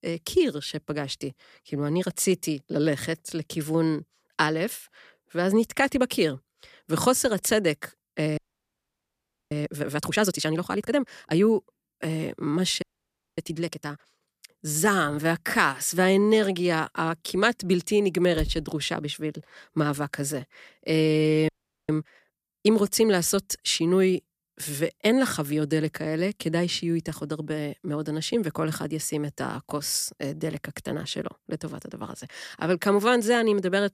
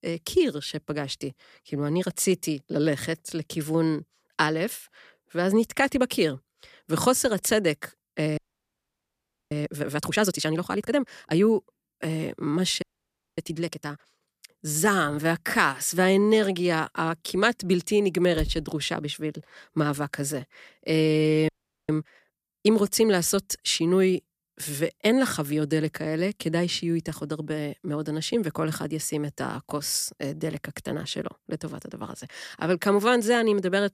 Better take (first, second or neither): neither